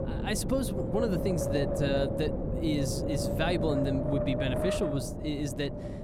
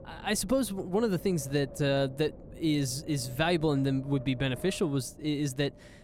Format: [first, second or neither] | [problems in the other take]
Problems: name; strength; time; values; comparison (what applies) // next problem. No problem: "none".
second | wind noise on the microphone; heavy; as loud as the speech; occasional gusts in the second